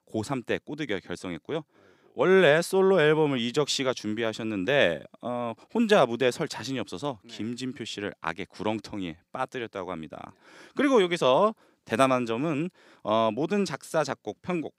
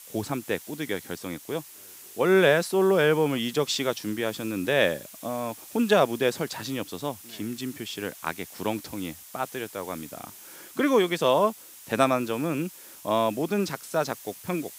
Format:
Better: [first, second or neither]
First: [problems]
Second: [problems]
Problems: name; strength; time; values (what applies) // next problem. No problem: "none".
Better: first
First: none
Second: hiss; noticeable; throughout; 15 dB below the speech